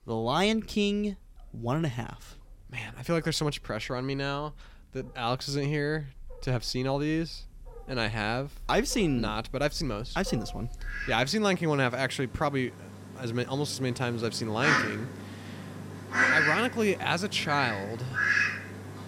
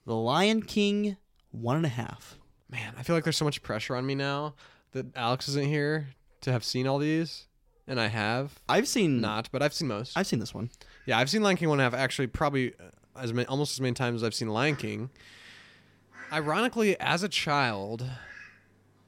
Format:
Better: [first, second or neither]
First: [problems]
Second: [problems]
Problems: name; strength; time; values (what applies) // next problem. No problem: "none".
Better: second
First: animal sounds; loud; throughout; 1 dB below the speech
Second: animal sounds; faint; throughout; 25 dB below the speech